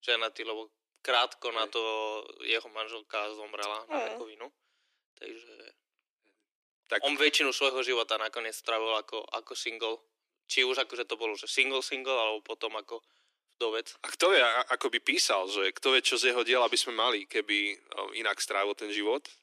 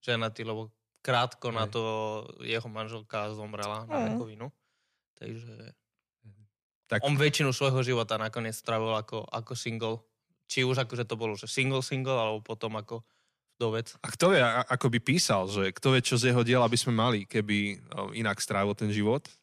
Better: second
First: thin; very; fading below 300 Hz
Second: none

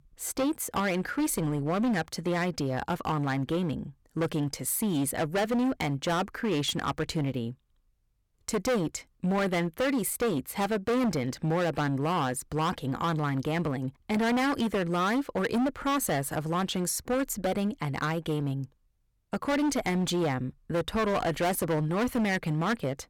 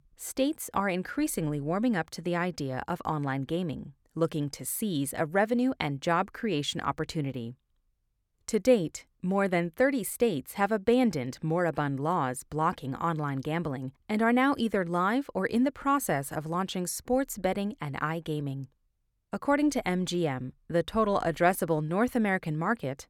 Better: second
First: distortion; heavy; 16% of the sound clipped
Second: none

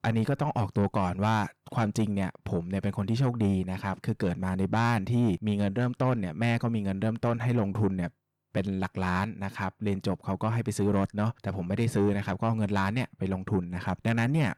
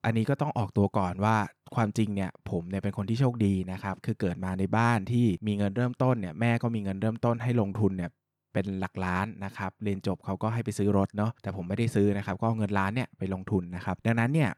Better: second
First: distortion; slight; 10 dB below the speech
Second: none

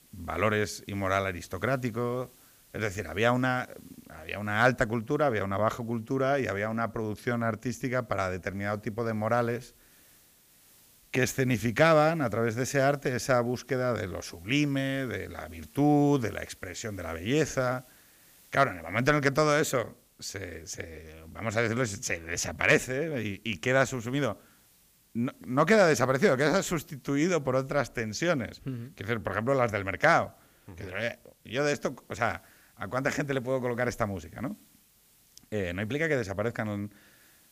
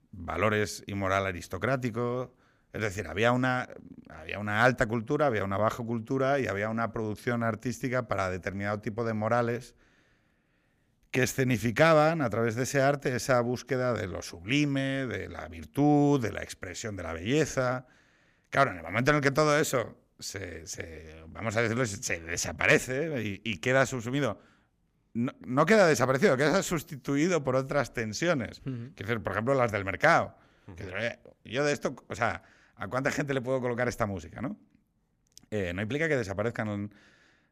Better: second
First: hiss; faint; throughout; 30 dB below the speech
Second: none

